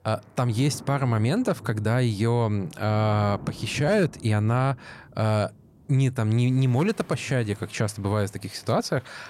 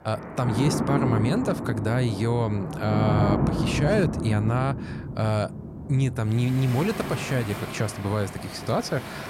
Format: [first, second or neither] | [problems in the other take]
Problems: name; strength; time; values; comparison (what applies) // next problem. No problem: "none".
first | rain or running water; loud; throughout; 4 dB below the speech; faint in the first